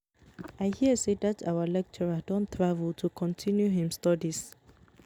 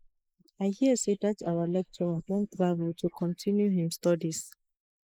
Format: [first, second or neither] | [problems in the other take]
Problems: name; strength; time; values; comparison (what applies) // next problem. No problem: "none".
first | noise reduction (neural mask model Resemble Enhance denoiser)